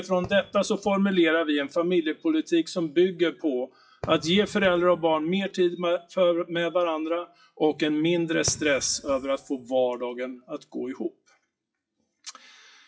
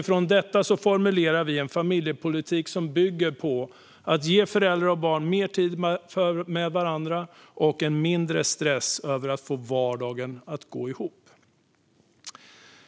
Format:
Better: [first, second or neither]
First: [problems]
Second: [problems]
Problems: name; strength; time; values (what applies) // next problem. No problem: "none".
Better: second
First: noise reduction (classical method WPE with log-MMSE)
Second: none